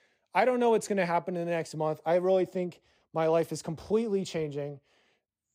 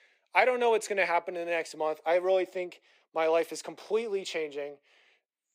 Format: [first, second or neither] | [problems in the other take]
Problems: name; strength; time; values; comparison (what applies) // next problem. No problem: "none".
first | thin; somewhat; fading below 350 Hz